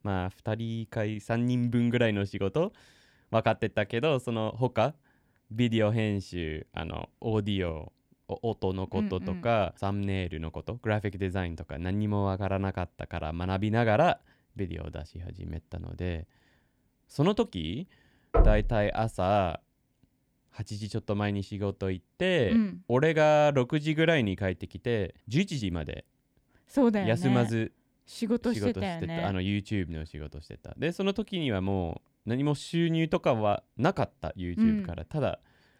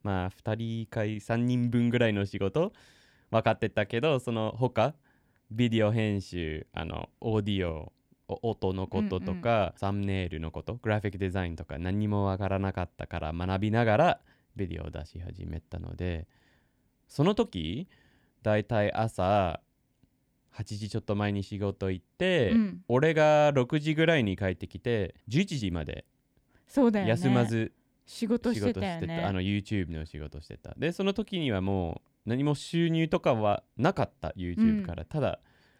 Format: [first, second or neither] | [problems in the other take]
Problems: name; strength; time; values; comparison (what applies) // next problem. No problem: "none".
second | door banging; loud; at 18 s; peak 3 dB above the speech